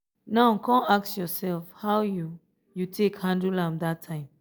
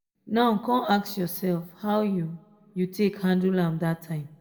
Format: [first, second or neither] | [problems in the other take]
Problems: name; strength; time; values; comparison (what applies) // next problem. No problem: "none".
first | room echo; dies away in 0.6 s